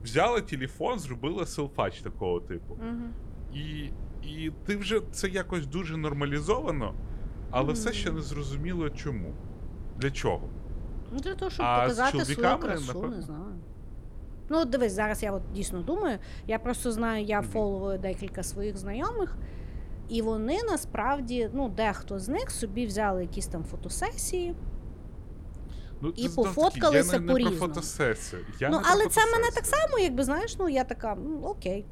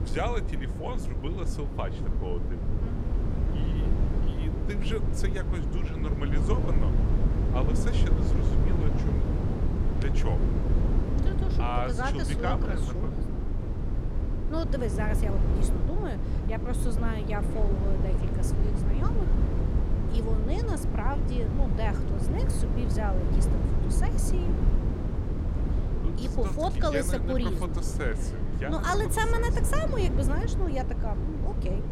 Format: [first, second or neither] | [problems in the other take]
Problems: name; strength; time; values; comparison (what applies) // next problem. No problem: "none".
first | low rumble; loud; throughout; 4 dB below the speech; faint in the first